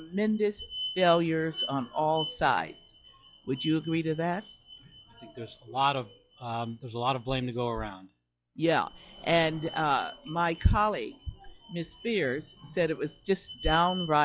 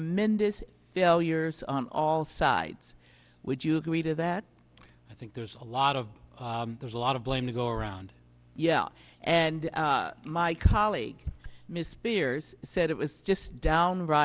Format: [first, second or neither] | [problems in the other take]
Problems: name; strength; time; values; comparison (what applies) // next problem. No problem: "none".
second | noise reduction (classical method log-MMSE)